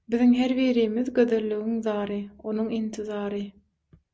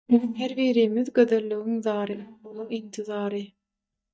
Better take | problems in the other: first | noise reduction (neural mask model DeepFilterNet 3)

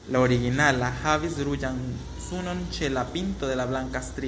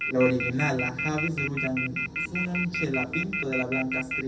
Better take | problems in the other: first | background sound (Telephone); 3 dB below the speech // room echo; dies away in 0.3 s

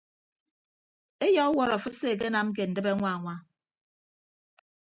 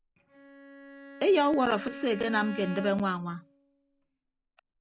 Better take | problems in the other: first | background sound (Bowed string instrument); 14 dB below the speech

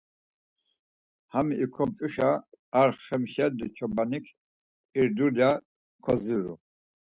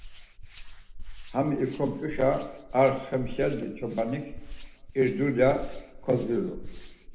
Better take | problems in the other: first | background sound (Hands); 11 dB below the speech // room echo; dies away in 0.8 s

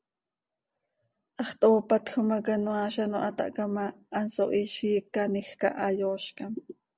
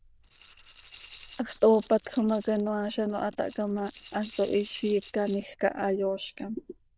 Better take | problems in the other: first | noise reduction (neural diffusion model UNIVERSE++)

